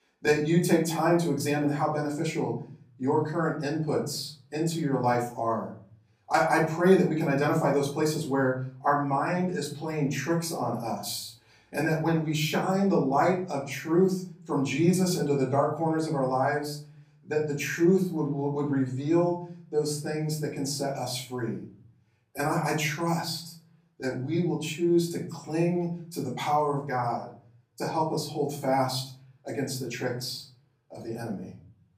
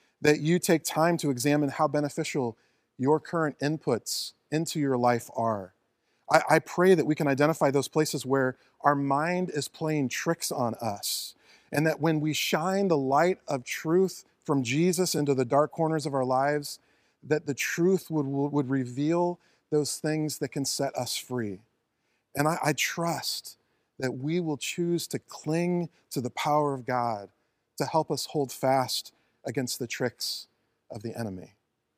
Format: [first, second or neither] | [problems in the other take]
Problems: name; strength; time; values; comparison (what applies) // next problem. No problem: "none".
second | room echo; slight; dies away in 0.6 s // off-mic speech; far